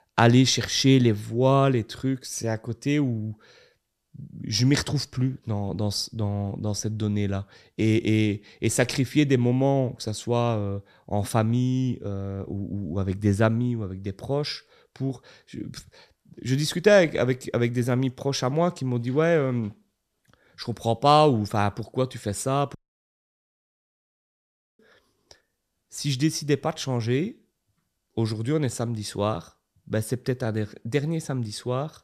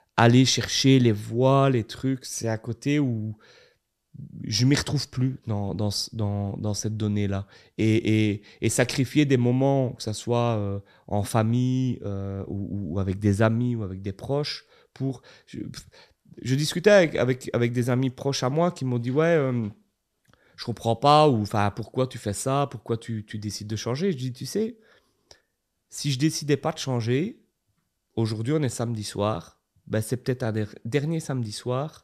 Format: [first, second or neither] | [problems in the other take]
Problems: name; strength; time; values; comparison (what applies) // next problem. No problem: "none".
second | audio cutting out; at 23 s for 2 s